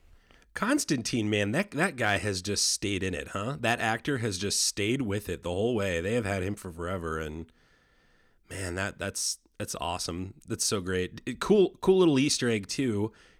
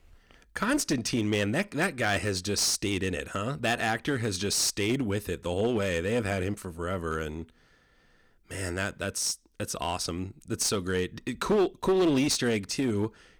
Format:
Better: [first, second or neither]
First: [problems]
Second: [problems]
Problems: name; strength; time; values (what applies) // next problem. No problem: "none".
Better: first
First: none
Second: distortion; slight; 6% of the sound clipped